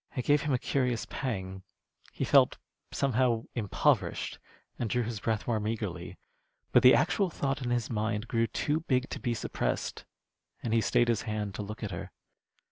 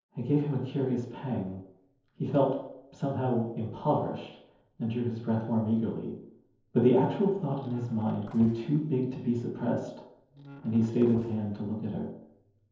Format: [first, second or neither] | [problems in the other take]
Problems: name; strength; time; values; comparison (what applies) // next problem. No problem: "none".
first | noise reduction (neural separator model SepFormer DNS4)